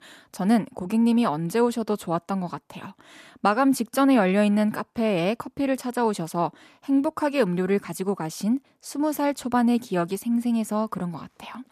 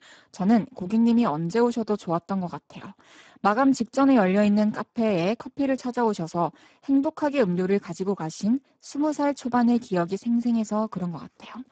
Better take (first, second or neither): first